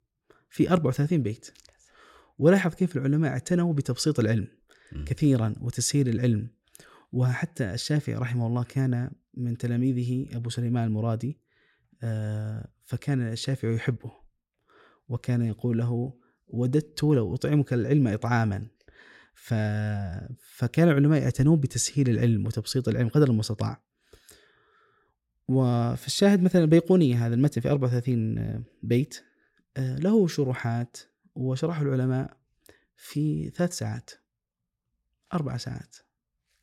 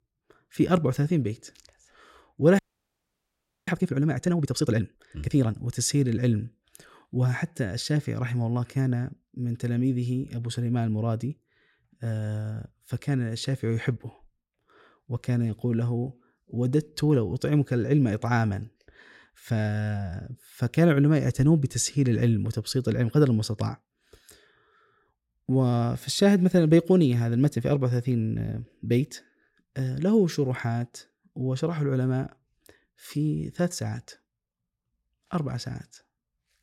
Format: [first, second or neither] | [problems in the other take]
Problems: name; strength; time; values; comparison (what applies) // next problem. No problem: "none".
first | audio freezing; at 2.5 s for 1 s